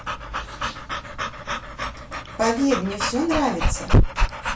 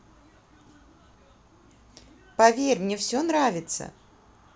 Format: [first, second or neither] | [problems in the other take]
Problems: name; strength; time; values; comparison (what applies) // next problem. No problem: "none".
second | background sound (Dog / Breathing); 3 dB above the speech // room echo; dies away in 0.2 s